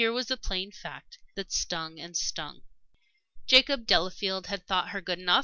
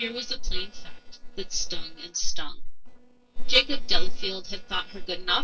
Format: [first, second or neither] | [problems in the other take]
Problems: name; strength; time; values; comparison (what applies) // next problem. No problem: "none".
first | noise reduction (neural separator model SepFormer DNS4)